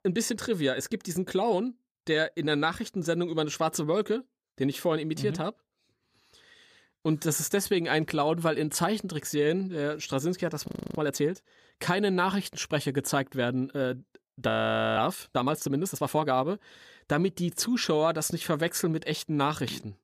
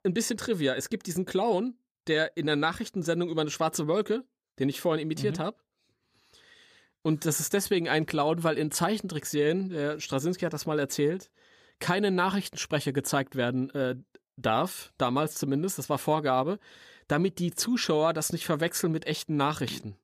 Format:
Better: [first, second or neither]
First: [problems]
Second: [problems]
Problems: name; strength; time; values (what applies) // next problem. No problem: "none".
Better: second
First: audio freezing; at 11 s and at 14 s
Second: none